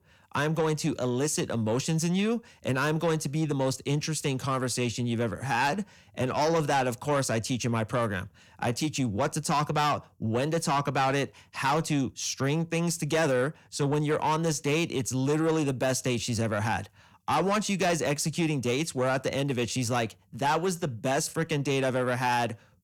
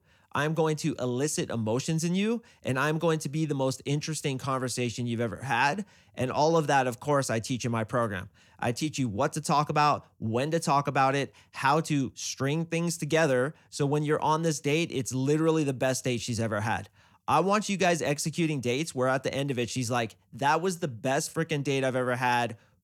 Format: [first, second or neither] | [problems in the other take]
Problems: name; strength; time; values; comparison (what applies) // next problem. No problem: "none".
second | distortion; slight; 10 dB below the speech